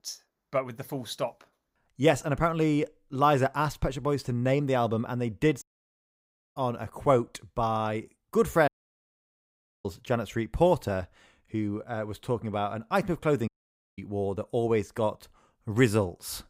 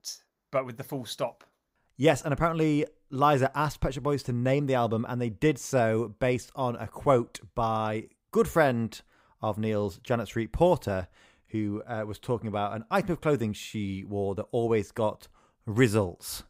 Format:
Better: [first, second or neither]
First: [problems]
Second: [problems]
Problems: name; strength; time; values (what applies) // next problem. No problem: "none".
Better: second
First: audio cutting out; at 5.5 s for 1 s, at 8.5 s for 1 s and at 13 s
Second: none